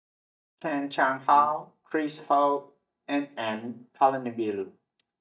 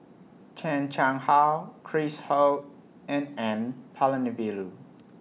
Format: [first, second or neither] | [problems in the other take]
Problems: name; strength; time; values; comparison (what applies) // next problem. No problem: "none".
second | noise reduction (neural mask model DeepFilterNet 3)